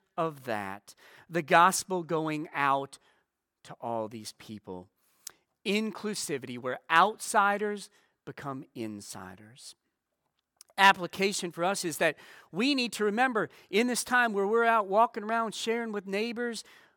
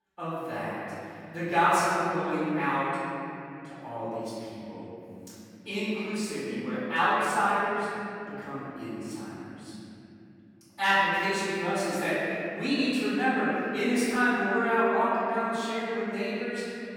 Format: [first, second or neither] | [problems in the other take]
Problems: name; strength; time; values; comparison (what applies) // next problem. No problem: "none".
first | off-mic speech; far // room echo; strong; dies away in 3 s